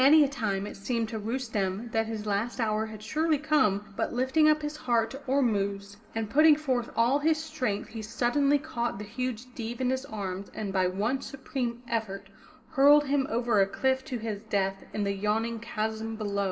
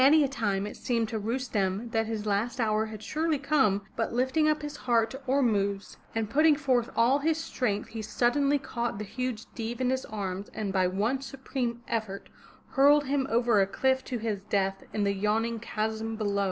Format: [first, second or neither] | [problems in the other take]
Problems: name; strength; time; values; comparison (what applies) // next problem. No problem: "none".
second | room echo; dies away in 1 s